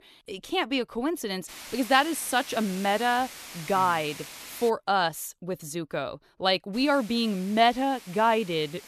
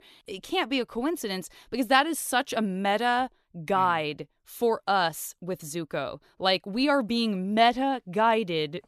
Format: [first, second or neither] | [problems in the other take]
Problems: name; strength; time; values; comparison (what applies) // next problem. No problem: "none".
second | hiss; noticeable; from 1.5 to 4.5 s and from 6.5 s on; 15 dB below the speech